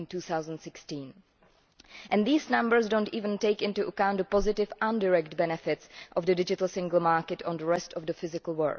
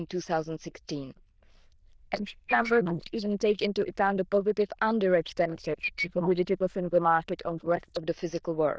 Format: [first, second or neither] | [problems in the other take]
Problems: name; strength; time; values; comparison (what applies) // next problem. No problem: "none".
first | noise reduction (neural diffusion model UNIVERSE++)